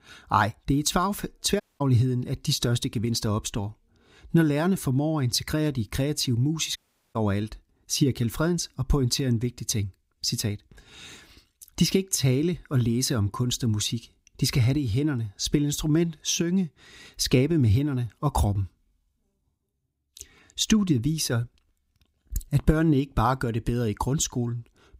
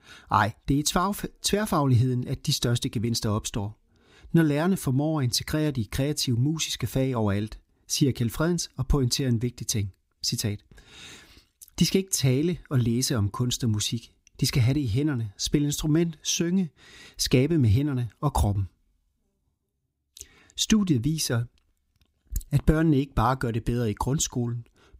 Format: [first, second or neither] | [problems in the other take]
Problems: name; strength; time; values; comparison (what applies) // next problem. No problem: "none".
second | audio cutting out; at 1.5 s and at 7 s